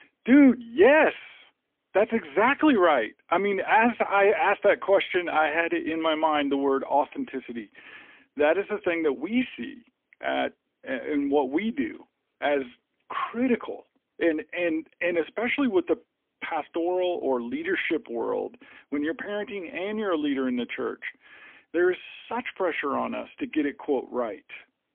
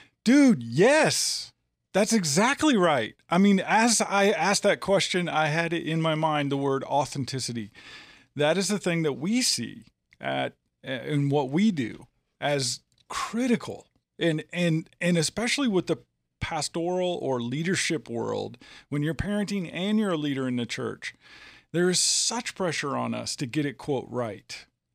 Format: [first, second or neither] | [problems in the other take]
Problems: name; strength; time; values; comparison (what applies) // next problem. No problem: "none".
second | phone-call audio; poor line; nothing above 3.5 kHz